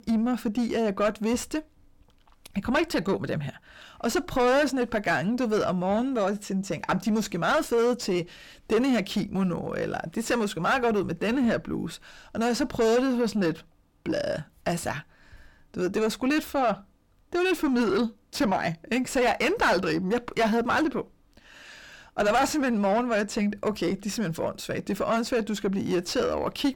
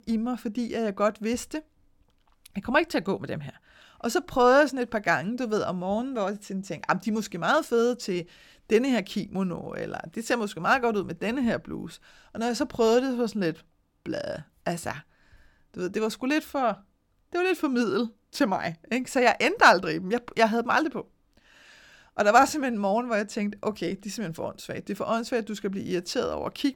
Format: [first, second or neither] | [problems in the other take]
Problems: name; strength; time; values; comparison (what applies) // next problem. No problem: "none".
second | distortion; heavy; 6 dB below the speech